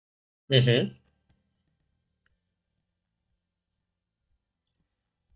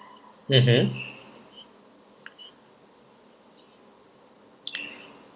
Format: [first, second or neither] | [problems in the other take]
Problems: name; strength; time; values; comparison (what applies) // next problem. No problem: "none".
second | noise reduction (neural mask model DeepFilterNet 3)